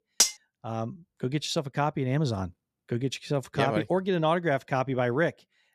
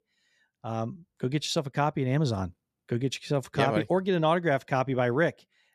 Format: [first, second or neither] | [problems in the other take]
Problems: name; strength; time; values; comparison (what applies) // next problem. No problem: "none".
second | clattering dishes; loud; at the start; peak 5 dB above the speech